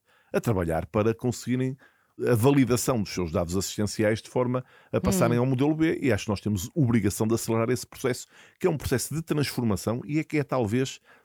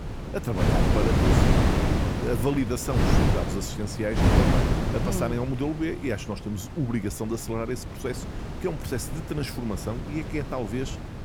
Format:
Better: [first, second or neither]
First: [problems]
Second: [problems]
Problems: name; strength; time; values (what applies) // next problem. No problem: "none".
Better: first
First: none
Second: wind noise on the microphone; heavy; 2 dB above the speech